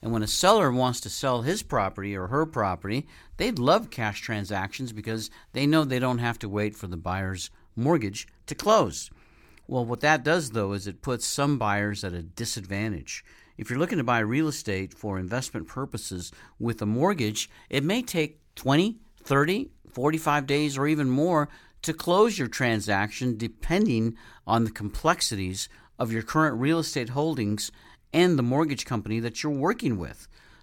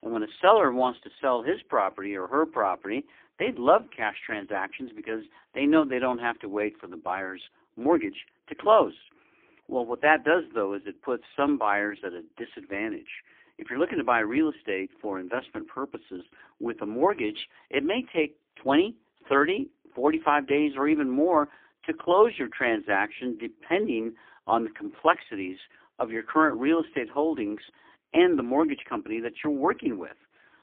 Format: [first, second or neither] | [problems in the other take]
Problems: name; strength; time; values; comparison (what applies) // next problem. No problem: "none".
first | phone-call audio; poor line; nothing above 3 kHz